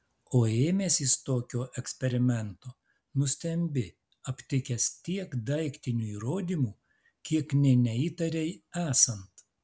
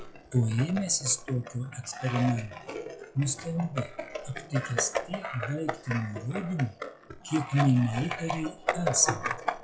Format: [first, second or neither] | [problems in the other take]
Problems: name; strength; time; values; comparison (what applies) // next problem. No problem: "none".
first | noise reduction (classical method log-MMSE)